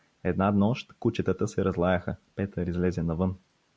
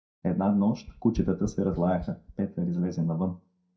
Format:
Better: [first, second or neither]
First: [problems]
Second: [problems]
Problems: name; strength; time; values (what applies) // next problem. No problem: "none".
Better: first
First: none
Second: noise reduction (neural mask model DeepFilterNet 3)